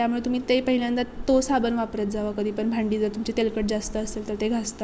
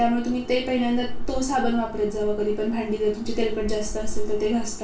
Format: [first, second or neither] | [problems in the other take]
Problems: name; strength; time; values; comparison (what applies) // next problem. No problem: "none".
first | room echo; dies away in 0.3 s